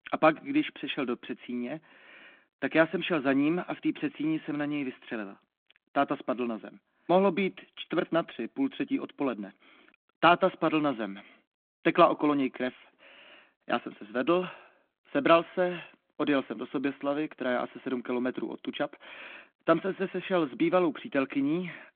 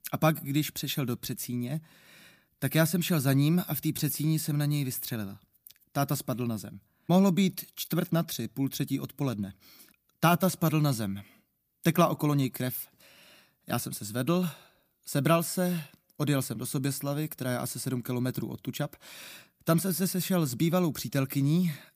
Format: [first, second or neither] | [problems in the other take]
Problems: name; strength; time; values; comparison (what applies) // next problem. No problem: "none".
second | phone-call audio